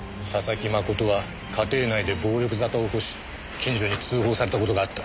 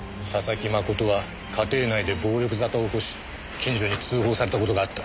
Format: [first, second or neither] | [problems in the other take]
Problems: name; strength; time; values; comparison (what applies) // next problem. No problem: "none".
second | background sound (Engine / Truck / Car); 18 dB below the speech